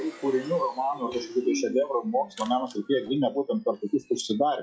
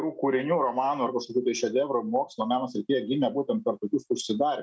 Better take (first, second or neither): second